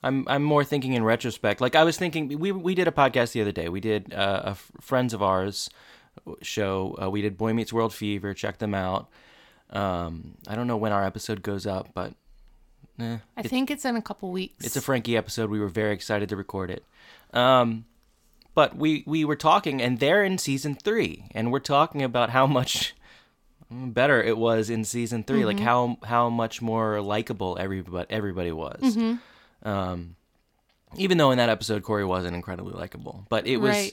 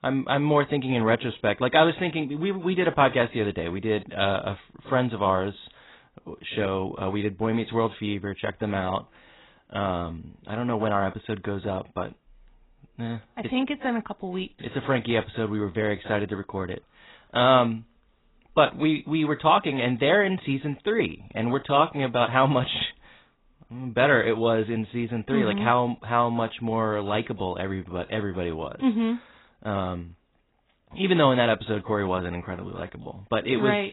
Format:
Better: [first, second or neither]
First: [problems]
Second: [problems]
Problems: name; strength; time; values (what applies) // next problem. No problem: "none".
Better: first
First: none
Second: garbled, watery; badly; nothing above 4 kHz